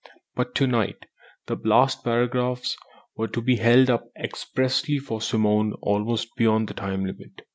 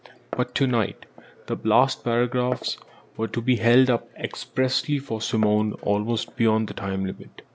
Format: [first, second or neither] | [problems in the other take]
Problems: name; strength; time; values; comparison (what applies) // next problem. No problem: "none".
first | background sound (Glass); 19 dB below the speech